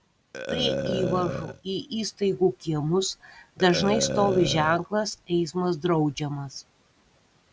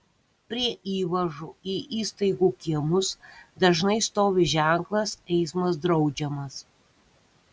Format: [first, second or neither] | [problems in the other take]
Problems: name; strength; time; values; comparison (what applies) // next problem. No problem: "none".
second | background sound (Burping, eructation); 7 dB below the speech